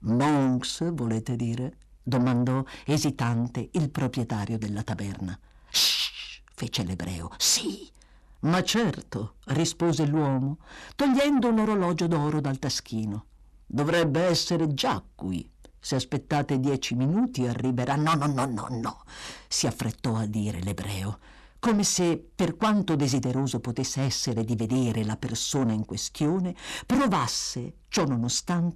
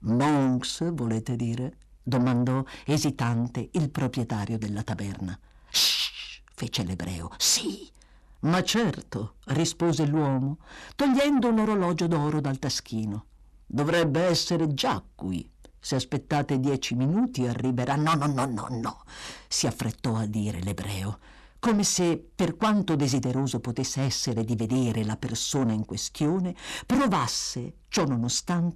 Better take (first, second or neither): neither